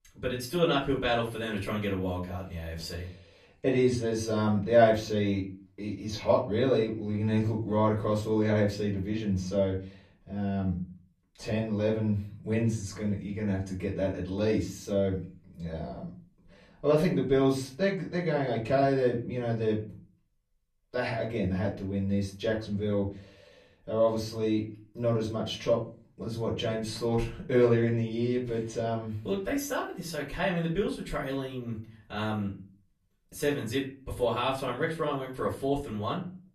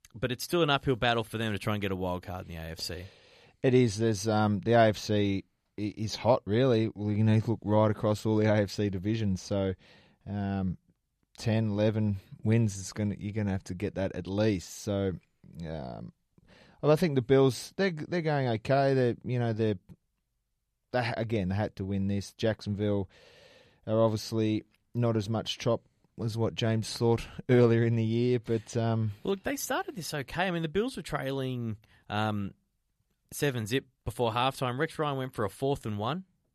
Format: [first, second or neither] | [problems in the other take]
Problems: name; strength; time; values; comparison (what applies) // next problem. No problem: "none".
second | off-mic speech; far // room echo; slight; dies away in 0.3 s